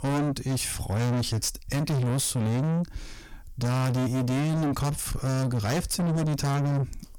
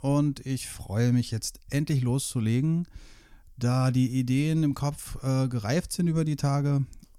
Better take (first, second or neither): second